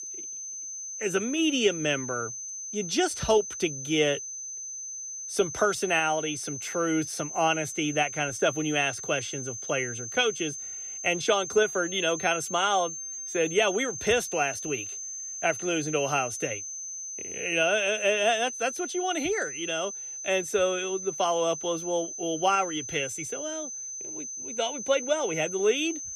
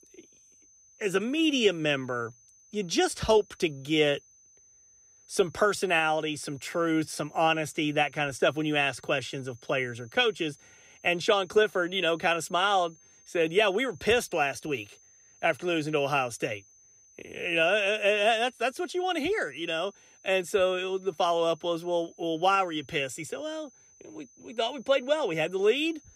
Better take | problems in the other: second | high-pitched whine; loud; throughout; 6 kHz, 7 dB below the speech; faint in the second

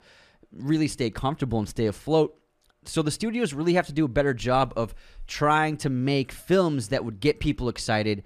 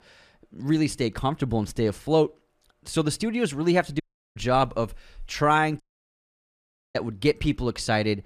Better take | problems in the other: first | audio cutting out; at 4 s and at 6 s for 1 s

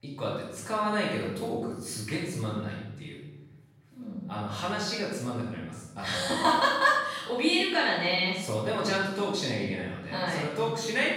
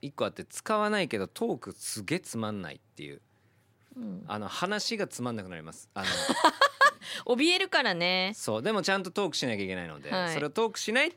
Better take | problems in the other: second | off-mic speech; far // room echo; strong; dies away in 1.2 s

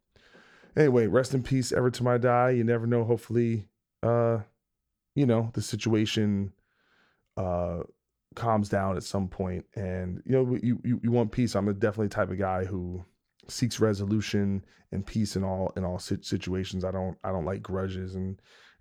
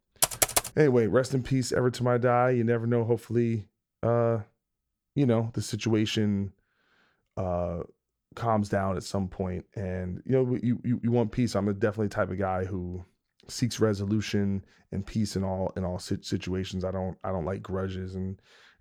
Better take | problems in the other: first | keyboard typing; loud; at the start; peak 4 dB above the speech

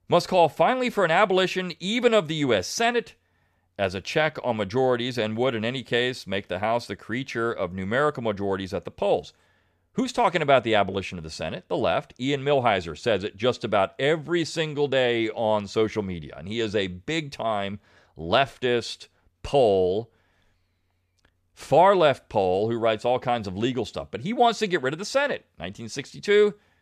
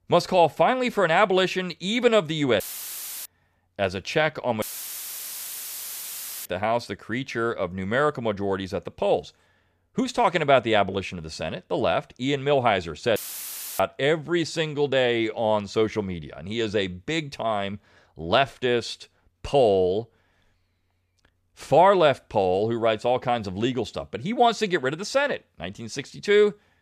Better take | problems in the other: first | audio cutting out; filled with static; at 2.5 s for 0.5 s, at 4.5 s for 2 s and at 13 s for 0.5 s

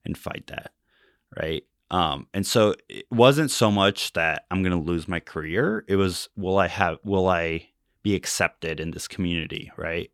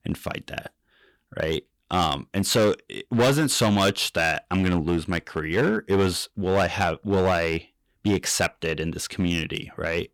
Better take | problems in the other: first | distortion; heavy; 6% of the sound clipped

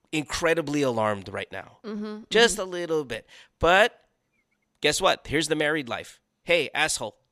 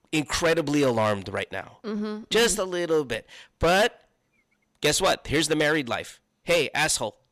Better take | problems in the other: first | distortion; heavy; 6% of the sound clipped

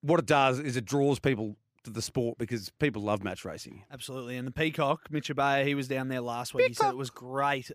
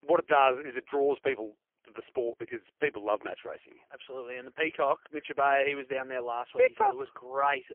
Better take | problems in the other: first | phone-call audio; poor line; nothing above 3 kHz

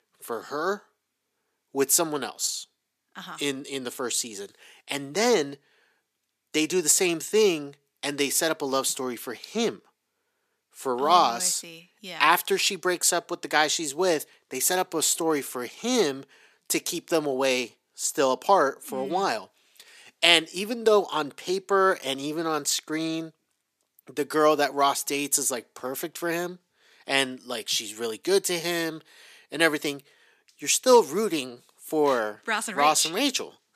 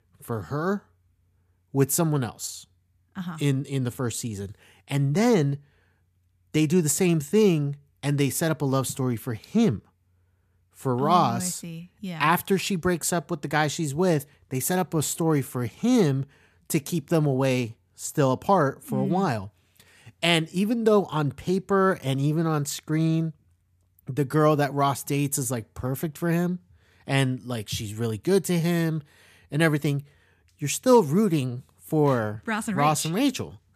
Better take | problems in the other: second | thin; somewhat; fading below 350 Hz

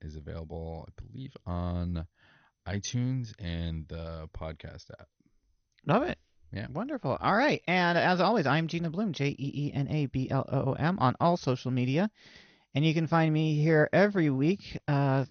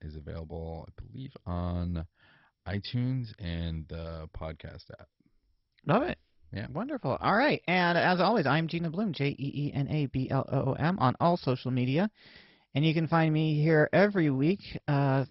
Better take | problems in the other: first | garbled, watery; badly; nothing above 5.5 kHz; slightly in the first

